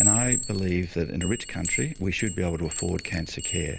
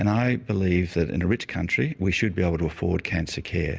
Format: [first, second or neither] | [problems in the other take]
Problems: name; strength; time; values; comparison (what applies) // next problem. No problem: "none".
second | background sound (Chime); as loud as the speech